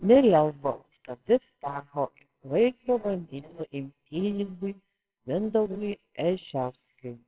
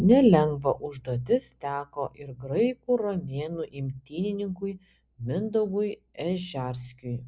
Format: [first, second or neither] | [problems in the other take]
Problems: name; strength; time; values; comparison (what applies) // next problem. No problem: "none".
second | noise reduction (neural separator model SepFormer WHAMR!)